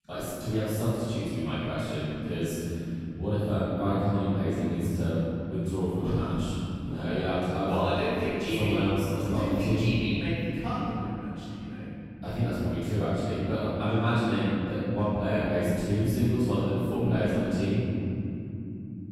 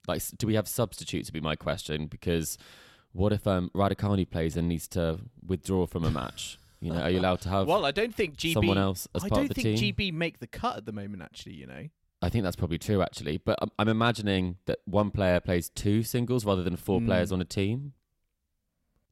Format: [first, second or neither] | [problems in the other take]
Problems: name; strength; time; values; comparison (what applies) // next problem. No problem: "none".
second | off-mic speech; far // room echo; strong; dies away in 3 s